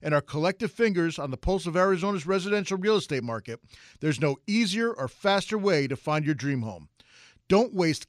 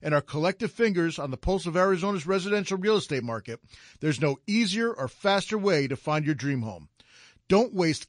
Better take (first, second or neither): first